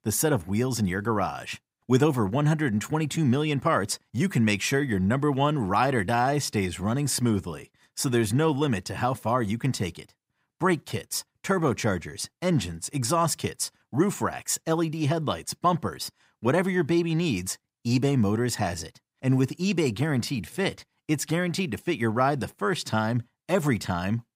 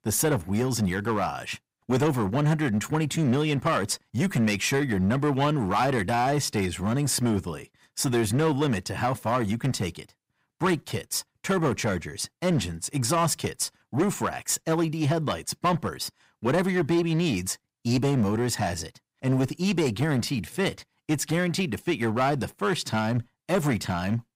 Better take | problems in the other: first | distortion; slight; 7% of the sound clipped

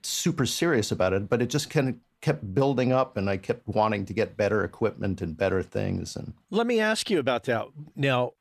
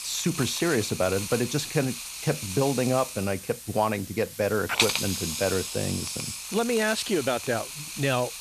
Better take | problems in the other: first | hiss; loud; throughout; 4 dB below the speech

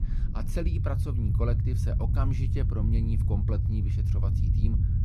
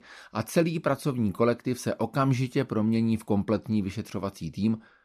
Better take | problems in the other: second | low rumble; loud; throughout; 2 dB below the speech

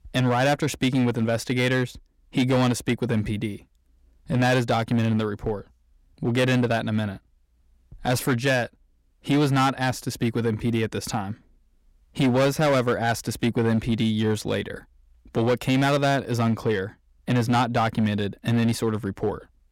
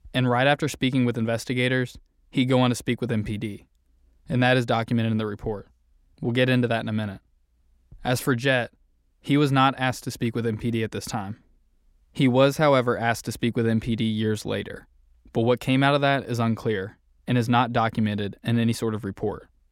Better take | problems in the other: second | distortion; slight; 8% of the sound clipped

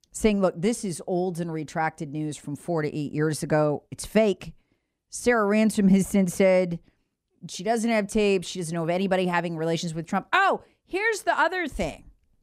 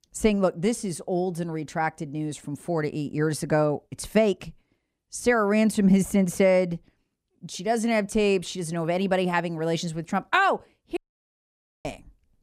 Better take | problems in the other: first | audio cutting out; at 11 s for 1 s

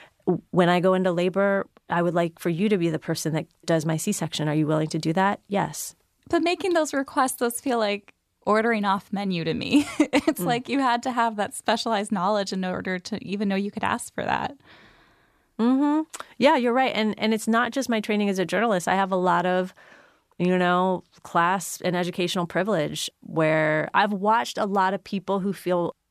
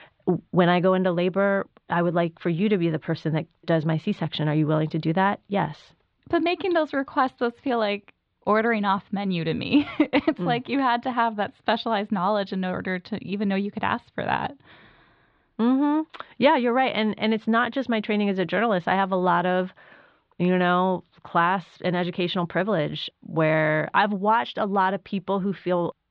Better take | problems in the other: first | muffled; slightly; fading above 3.5 kHz

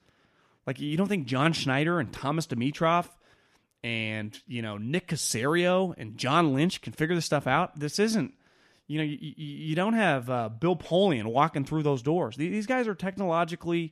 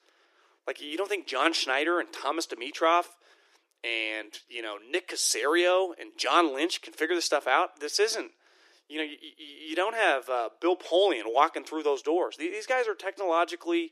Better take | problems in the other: first | thin; very; fading below 350 Hz

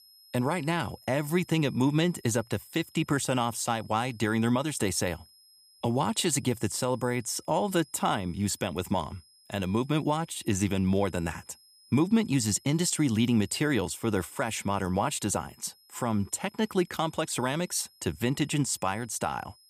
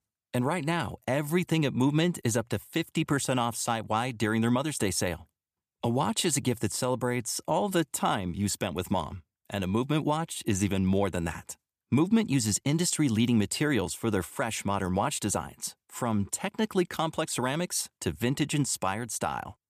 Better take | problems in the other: second | high-pitched whine; faint; throughout; 5 kHz, 25 dB below the speech

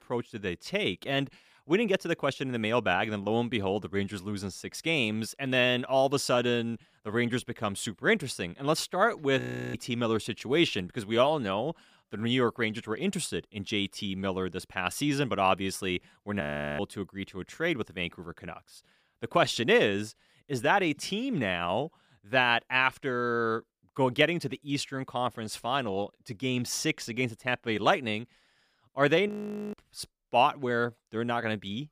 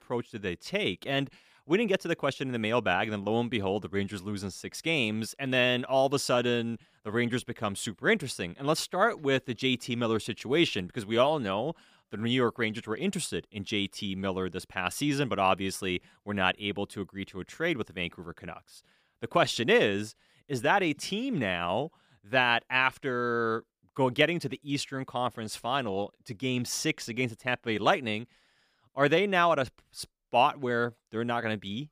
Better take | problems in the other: second | audio freezing; at 9.5 s, at 16 s and at 29 s

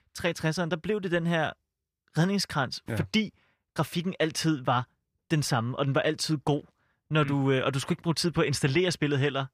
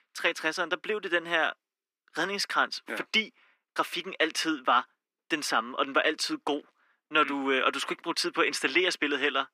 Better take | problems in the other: first | thin; somewhat; fading below 250 Hz

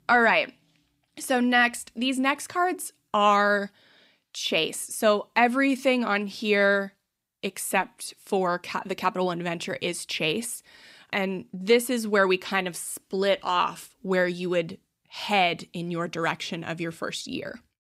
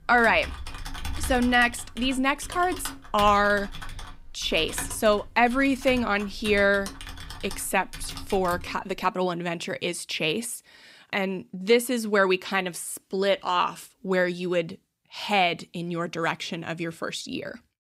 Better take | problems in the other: first | keyboard typing; noticeable; until 9 s; peak 8 dB below the speech

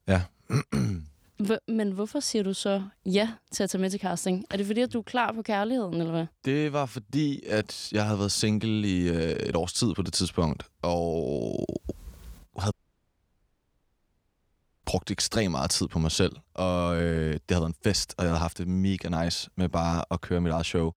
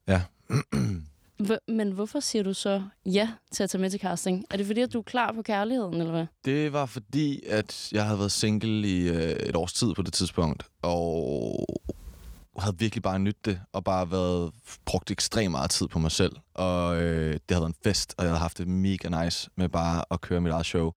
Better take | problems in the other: second | audio cutting out; at 13 s for 2 s

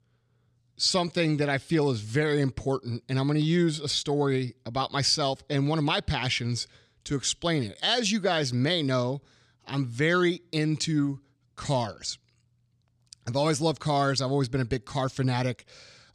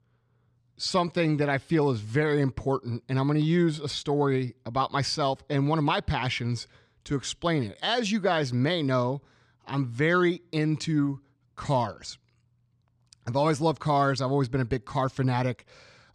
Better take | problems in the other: first | muffled; slightly; fading above 3 kHz

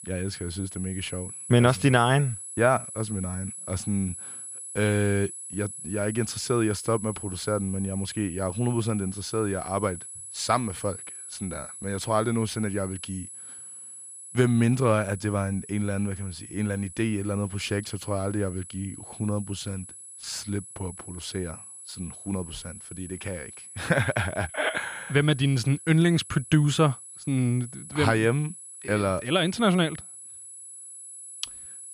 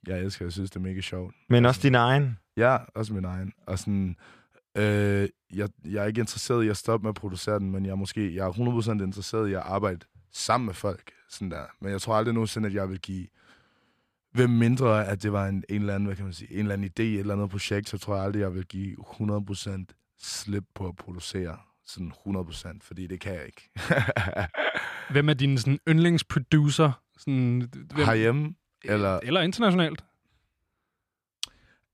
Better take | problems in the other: second | high-pitched whine; noticeable; throughout; 10.5 kHz, 10 dB below the speech

